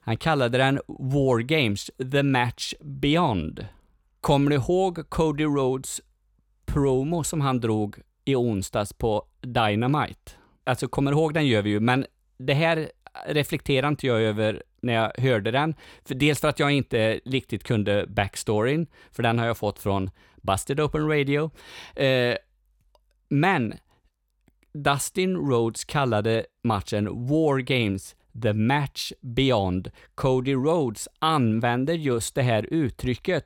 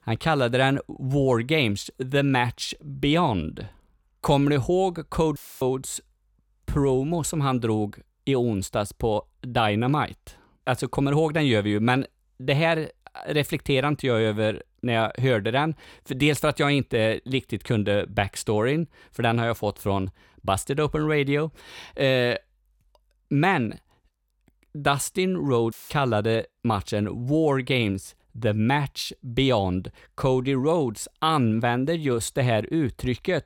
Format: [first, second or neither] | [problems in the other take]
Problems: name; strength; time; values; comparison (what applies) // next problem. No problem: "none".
first | audio cutting out; filled with static; at 5.5 s and at 26 s